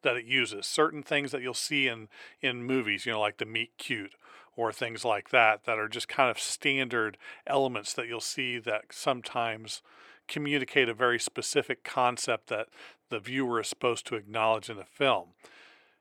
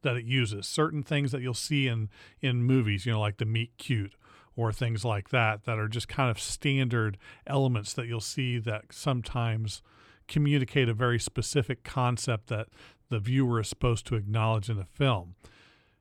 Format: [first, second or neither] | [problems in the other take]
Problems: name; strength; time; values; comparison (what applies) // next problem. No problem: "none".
second | thin; very; fading below 400 Hz